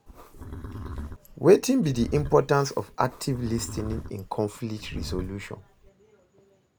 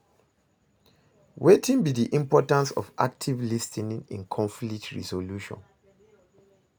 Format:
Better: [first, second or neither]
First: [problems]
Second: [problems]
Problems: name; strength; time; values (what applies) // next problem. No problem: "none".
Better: second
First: background sound (Livestock, farm animals, working animals); 12 dB below the speech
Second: none